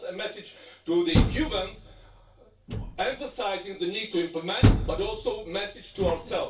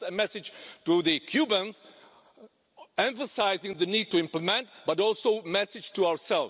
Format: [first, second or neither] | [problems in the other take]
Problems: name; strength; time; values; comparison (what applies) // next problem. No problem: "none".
second | background sound (Door); 1 dB above the speech // room echo; dies away in 0.2 s